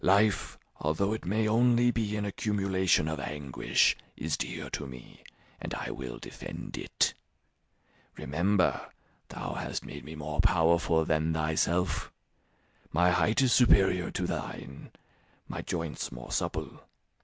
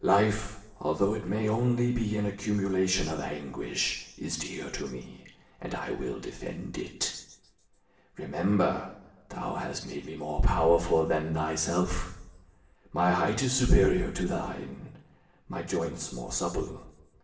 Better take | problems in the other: first | room echo; dies away in 0.8 s

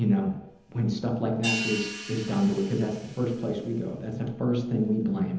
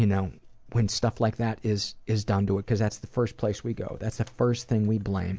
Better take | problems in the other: second | background sound (Hi-hat); 13 dB below the speech // room echo; dies away in 0.9 s

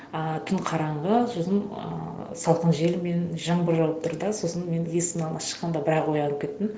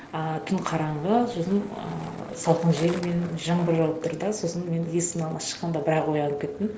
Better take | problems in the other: first | background sound (Skateboard); 18 dB below the speech

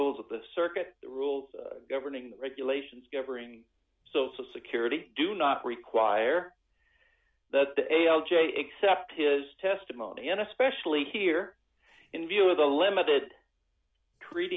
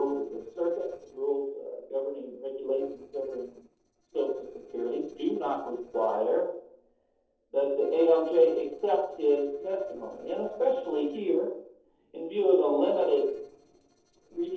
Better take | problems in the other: first | noise reduction (neural separator model SepFormer DNS4)

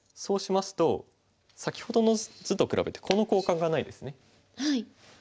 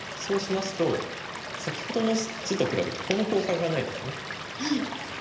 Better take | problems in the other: first | background sound (Stream / Liquid); 7 dB below the speech // room echo; dies away in 0.8 s

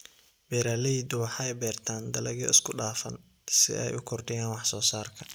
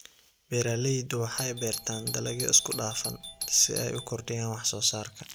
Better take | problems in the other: first | background sound (Doorbell); 10 dB below the speech

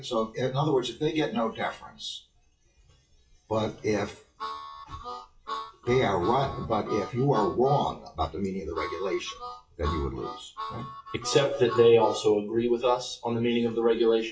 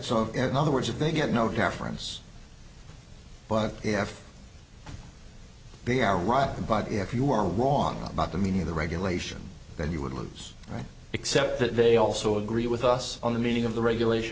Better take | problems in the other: second | noise reduction (classical method WPE with log-MMSE)

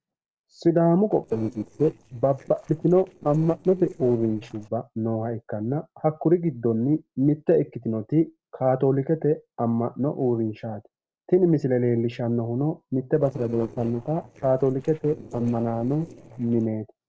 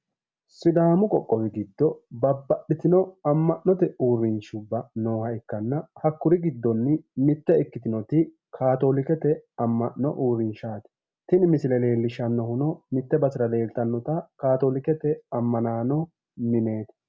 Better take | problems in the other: second | noise reduction (neural separator model SepFormer DNS4)

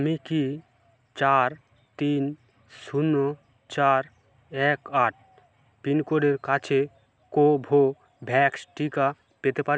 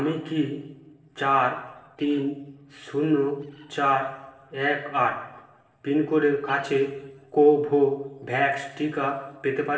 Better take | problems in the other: first | noise reduction (neural separator model SepFormer DNS4)

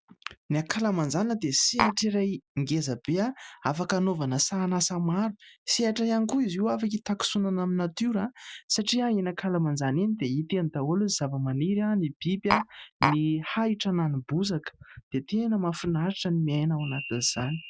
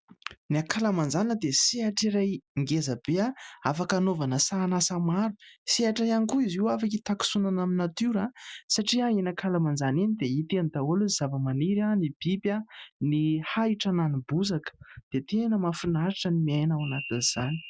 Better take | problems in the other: second | background sound (Tap); as loud as the speech

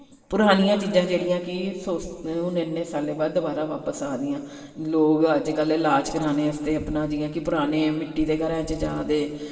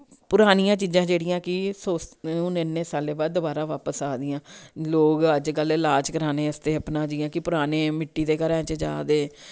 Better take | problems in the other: second | room echo; dies away in 2 s

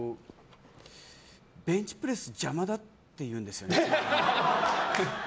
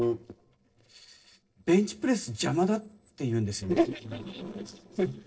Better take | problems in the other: first | noise reduction (neural separator model SepFormer DNS4)

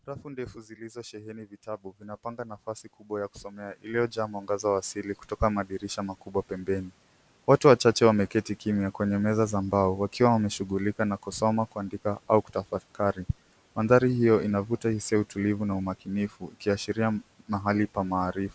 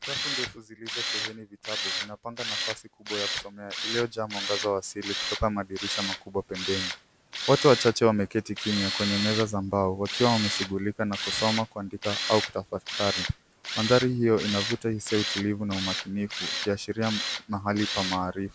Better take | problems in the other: first | background sound (Tools); 5 dB below the speech

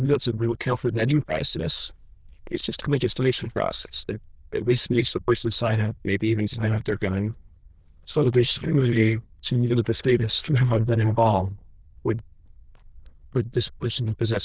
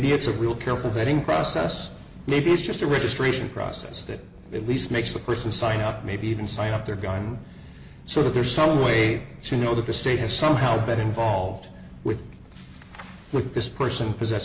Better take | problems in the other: second | noise reduction (neural diffusion model UNIVERSE++)

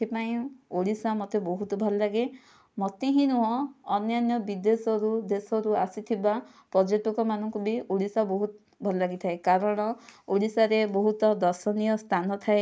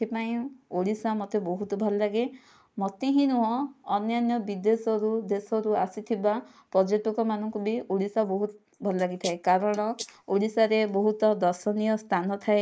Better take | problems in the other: first | noise reduction (neural mask model Resemble Enhance denoiser)

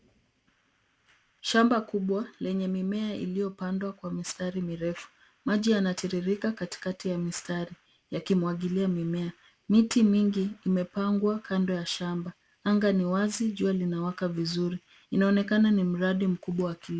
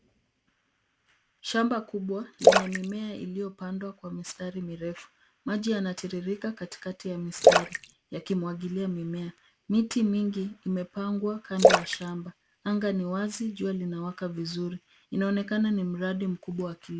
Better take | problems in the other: first | background sound (Splash, splatter); 5 dB above the speech

